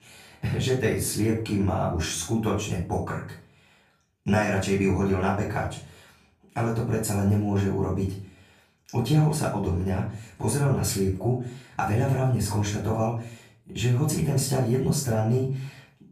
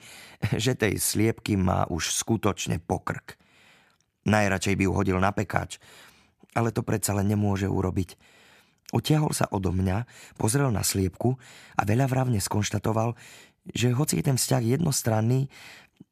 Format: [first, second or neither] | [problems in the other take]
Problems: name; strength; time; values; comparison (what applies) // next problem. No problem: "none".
second | off-mic speech; far // room echo; slight; dies away in 0.4 s